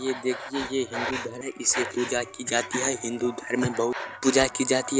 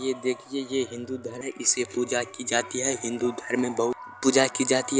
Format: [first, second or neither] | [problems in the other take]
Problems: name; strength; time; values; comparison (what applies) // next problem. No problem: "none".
second | background sound (Breathing); 10 dB below the speech